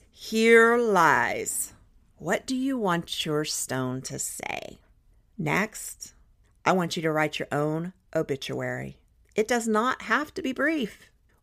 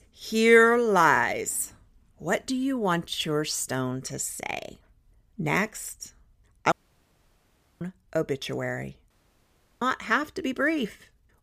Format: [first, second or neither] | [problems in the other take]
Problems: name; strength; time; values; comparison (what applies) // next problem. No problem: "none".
first | audio cutting out; at 6.5 s for 1 s and at 9 s for 0.5 s